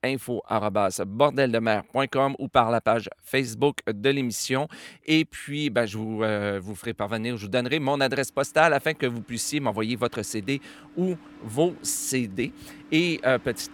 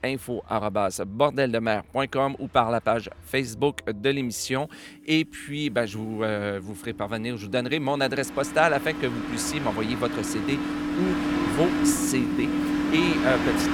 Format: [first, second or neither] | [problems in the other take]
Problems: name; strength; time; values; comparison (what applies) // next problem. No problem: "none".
first | train or aircraft noise; loud; throughout; 1 dB below the speech; faint in the first